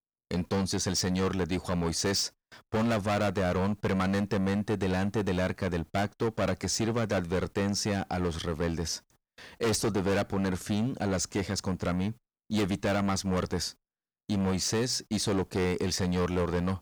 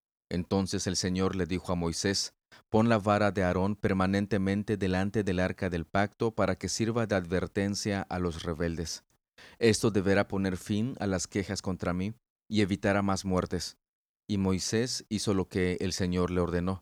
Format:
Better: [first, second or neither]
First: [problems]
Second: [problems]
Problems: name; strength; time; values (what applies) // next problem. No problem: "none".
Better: second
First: distortion; heavy; 17% of the sound clipped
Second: none